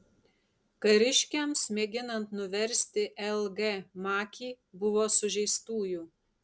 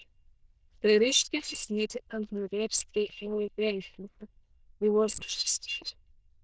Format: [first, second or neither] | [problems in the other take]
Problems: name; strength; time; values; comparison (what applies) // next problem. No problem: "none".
first | noise reduction (neural diffusion model UNIVERSE++)